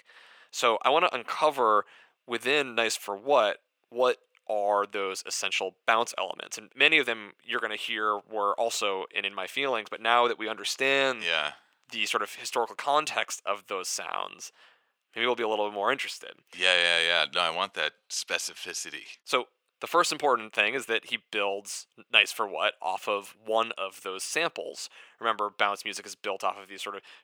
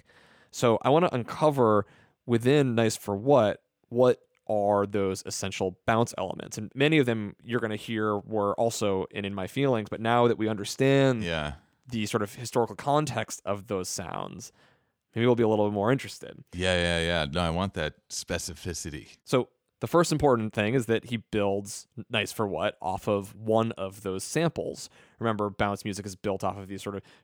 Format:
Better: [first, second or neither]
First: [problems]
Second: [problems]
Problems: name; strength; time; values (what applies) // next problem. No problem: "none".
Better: second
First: thin; very; fading below 550 Hz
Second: none